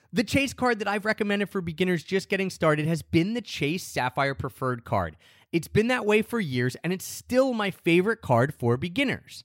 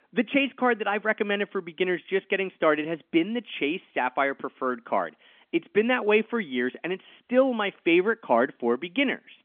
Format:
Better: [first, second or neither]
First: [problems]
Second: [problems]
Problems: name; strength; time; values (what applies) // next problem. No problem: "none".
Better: first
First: none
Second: phone-call audio; nothing above 3.5 kHz